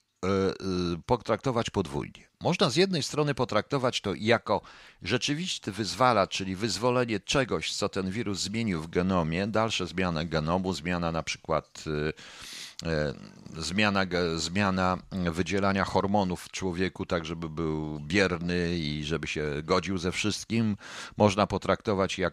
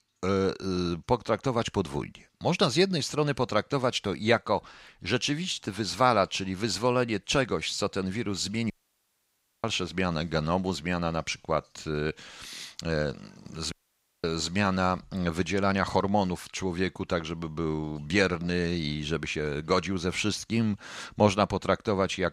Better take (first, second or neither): first